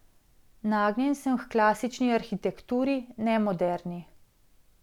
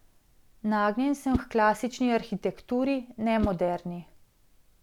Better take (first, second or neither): first